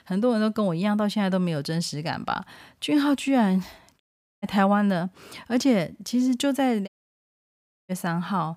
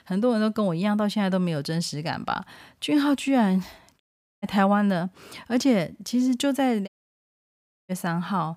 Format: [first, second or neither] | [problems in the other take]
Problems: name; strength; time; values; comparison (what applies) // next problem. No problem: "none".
neither | audio cutting out; at 4 s and at 7 s for 1 s; the same in both